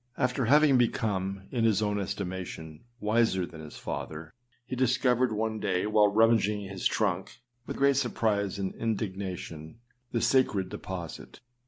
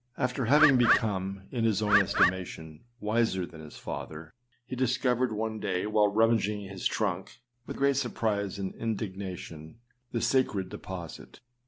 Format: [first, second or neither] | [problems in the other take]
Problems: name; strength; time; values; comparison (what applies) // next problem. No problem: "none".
first | background sound (Bird); 3 dB above the speech